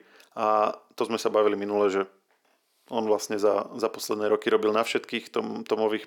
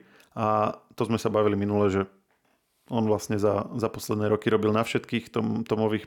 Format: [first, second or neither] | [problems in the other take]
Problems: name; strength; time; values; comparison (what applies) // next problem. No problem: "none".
second | thin; somewhat; fading below 400 Hz